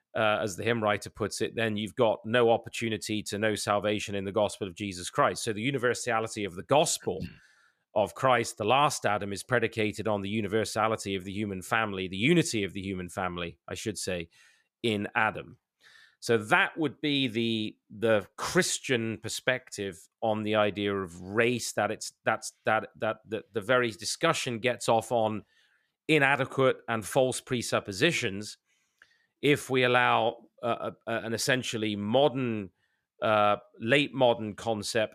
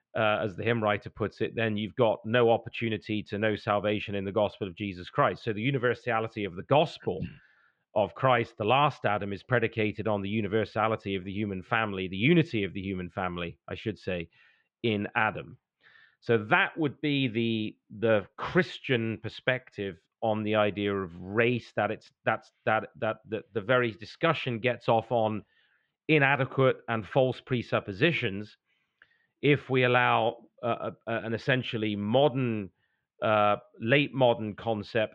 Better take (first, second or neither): first